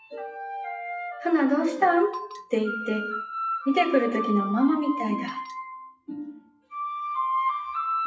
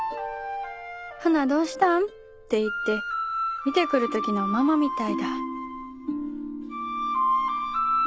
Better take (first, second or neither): second